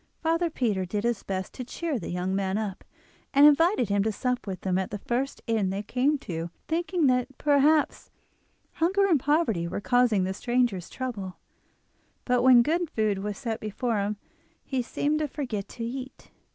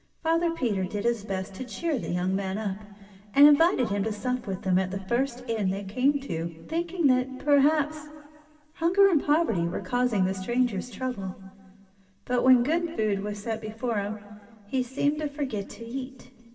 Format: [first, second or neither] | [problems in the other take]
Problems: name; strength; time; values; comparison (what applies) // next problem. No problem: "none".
first | room echo; dies away in 1.9 s